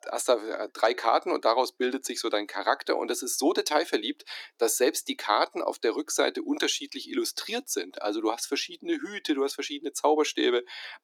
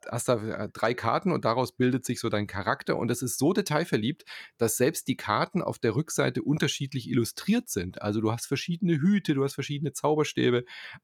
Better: second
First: thin; somewhat; fading below 300 Hz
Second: none

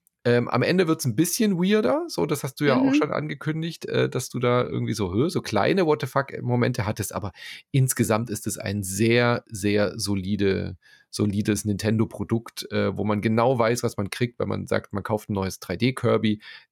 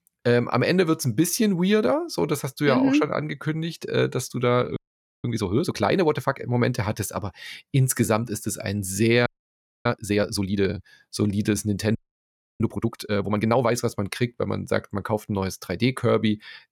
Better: first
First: none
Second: audio freezing; at 5 s, at 9.5 s for 0.5 s and at 12 s for 0.5 s

